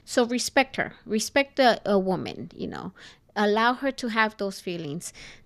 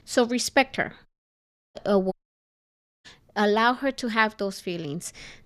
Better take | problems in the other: first | audio cutting out; at 1 s for 0.5 s and at 2 s for 1 s

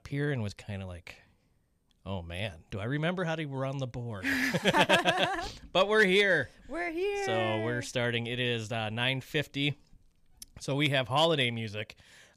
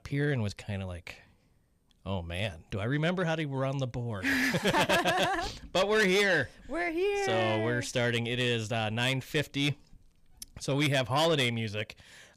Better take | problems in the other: first | distortion; slight; 10 dB below the speech

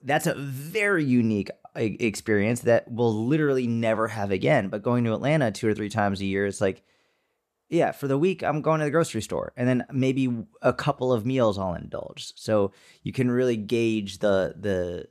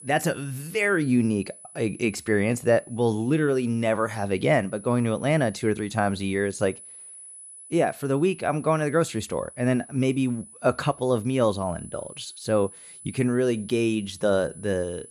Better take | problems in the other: first | high-pitched whine; noticeable; throughout; 10 kHz, 20 dB below the speech

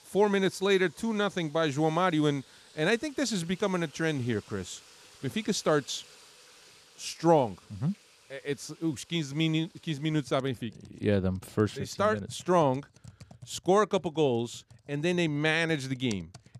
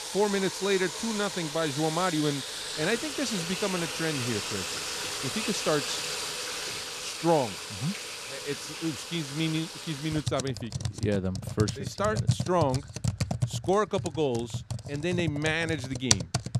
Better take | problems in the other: first | household noises; loud; throughout; 3 dB below the speech; faint in the first

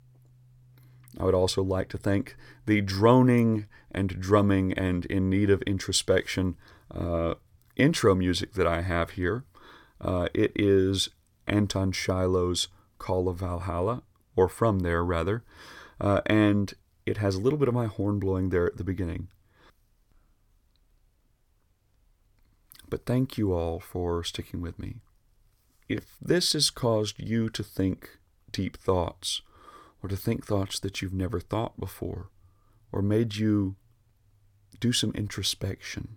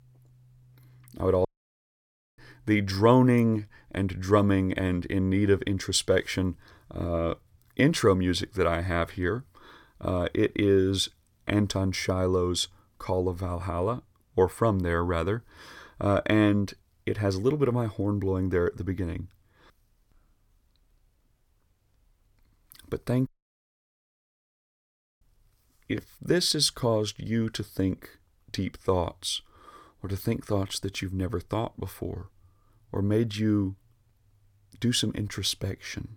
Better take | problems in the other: first | audio cutting out; at 1.5 s for 1 s and at 23 s for 2 s

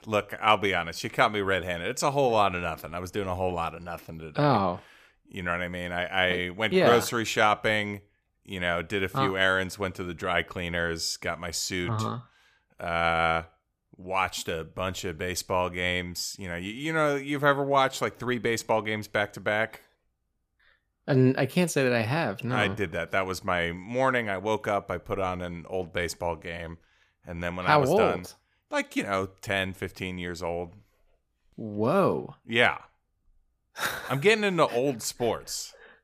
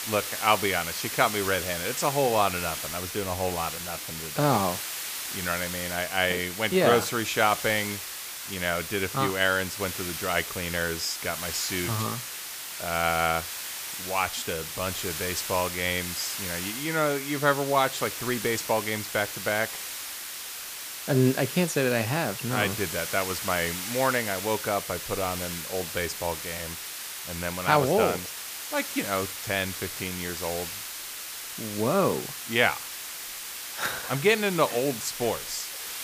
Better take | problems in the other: first | hiss; loud; throughout; 6 dB below the speech

